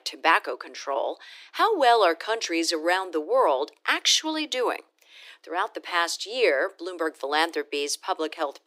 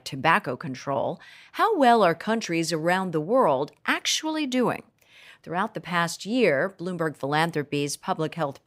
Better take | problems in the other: second | thin; very; fading below 300 Hz

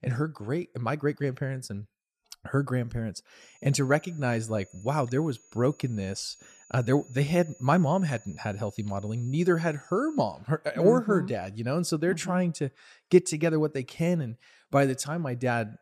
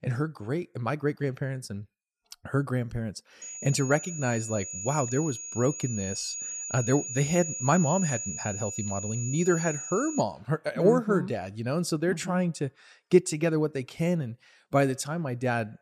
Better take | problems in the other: first | high-pitched whine; loud; from 3.5 to 10 s; 7 kHz, 6 dB below the speech; faint in the first

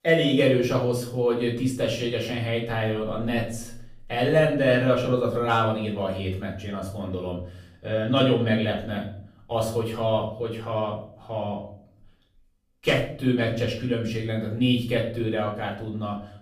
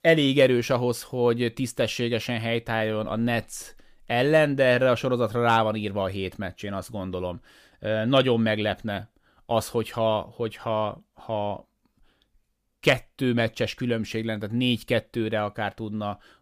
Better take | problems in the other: second | off-mic speech; far // room echo; slight; dies away in 0.5 s

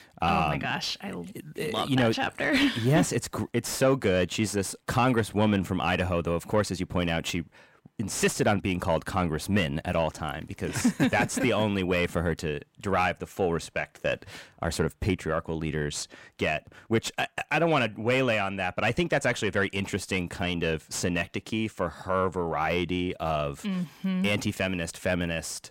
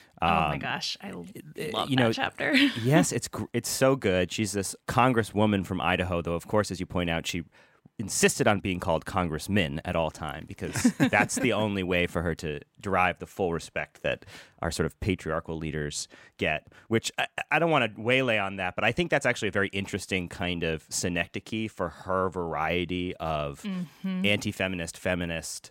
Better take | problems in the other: second | distortion; slight; 10 dB below the speech

